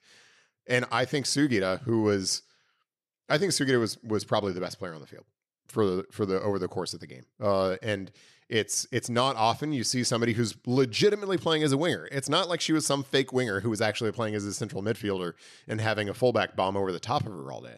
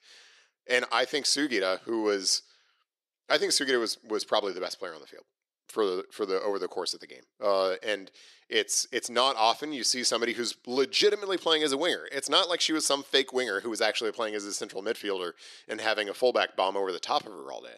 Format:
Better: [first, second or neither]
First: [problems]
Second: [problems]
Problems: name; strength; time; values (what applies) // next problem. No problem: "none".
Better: first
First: none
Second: thin; somewhat; fading below 350 Hz